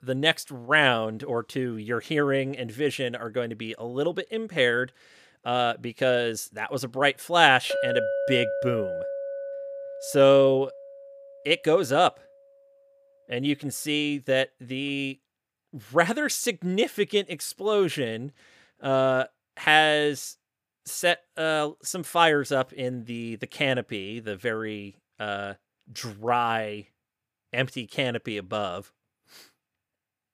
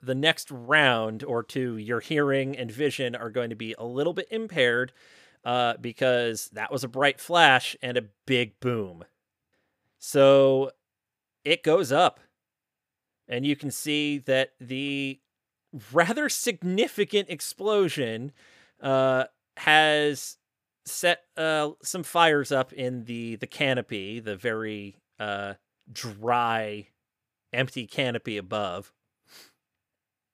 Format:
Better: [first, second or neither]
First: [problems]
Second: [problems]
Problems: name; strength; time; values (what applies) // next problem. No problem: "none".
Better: second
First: clattering dishes; noticeable; from 7.5 to 11 s; peak 1 dB below the speech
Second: none